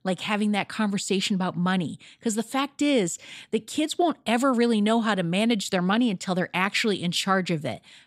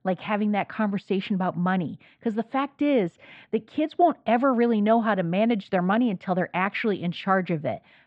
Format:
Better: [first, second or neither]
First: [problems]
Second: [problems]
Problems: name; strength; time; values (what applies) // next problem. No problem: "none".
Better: first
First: none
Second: muffled; very; fading above 2 kHz